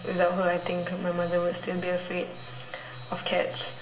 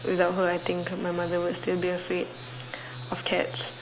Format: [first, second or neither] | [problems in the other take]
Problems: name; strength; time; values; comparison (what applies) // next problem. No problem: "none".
second | room echo; dies away in 0.8 s